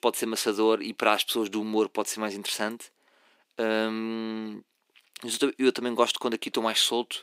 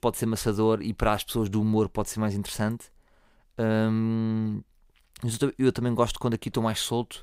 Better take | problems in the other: second | thin; somewhat; fading below 300 Hz

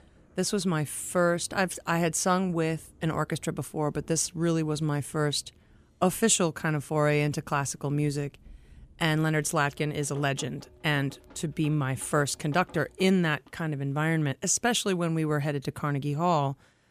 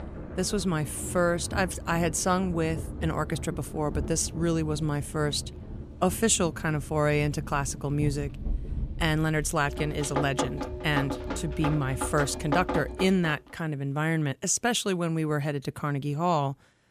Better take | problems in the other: first | rain or running water; loud; until 13 s; 8 dB below the speech; faint in the first

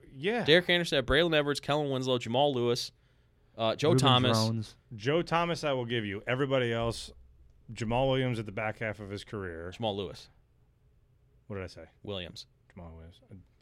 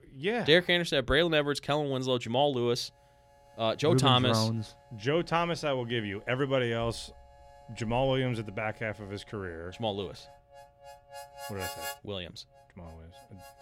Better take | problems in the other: first | background music; noticeable; from 3 s on; 20 dB below the speech

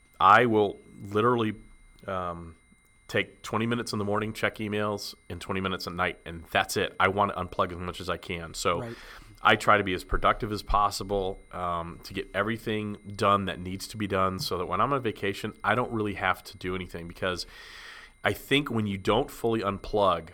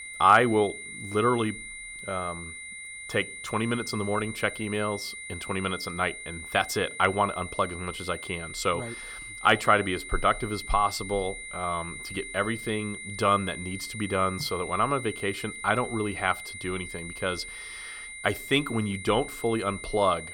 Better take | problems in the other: first | high-pitched whine; loud; throughout; 2 kHz, 10 dB below the speech; faint in the first

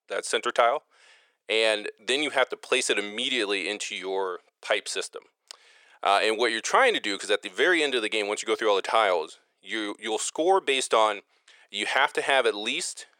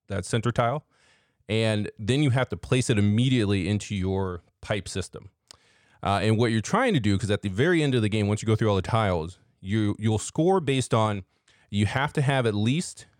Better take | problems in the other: second | thin; very; fading below 400 Hz

